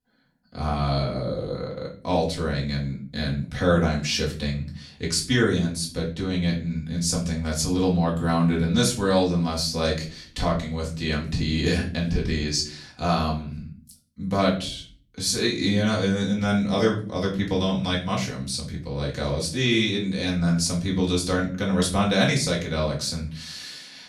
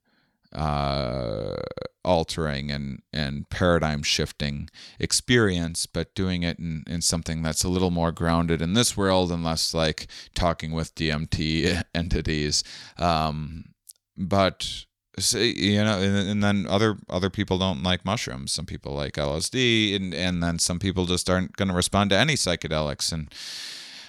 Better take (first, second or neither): second